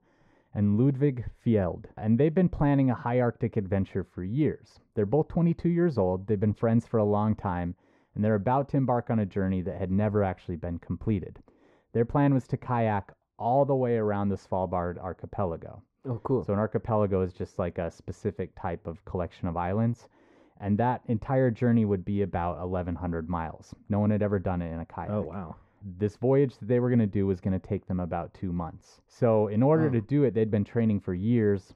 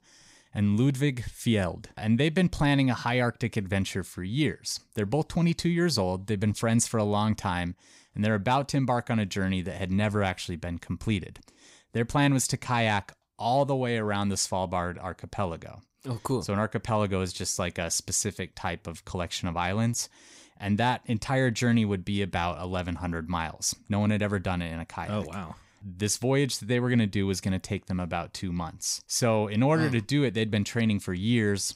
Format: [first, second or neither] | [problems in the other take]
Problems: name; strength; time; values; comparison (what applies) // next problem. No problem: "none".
second | muffled; very; fading above 3 kHz